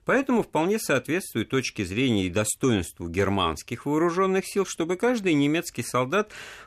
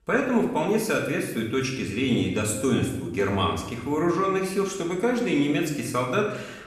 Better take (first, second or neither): first